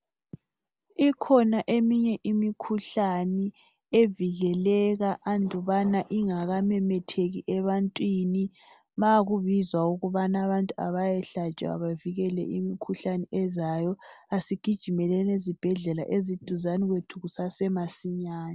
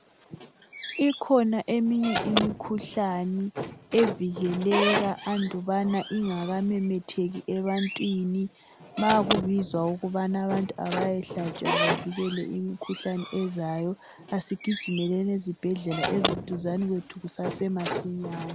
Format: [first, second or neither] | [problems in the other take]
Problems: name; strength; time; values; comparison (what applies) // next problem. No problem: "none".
first | background sound (Squeak / Slam); 6 dB below the speech